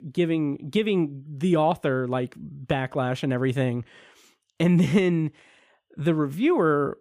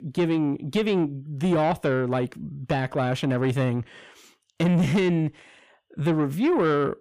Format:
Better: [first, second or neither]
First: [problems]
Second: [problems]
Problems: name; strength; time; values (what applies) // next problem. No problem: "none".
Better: first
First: none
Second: distortion; slight; 10 dB below the speech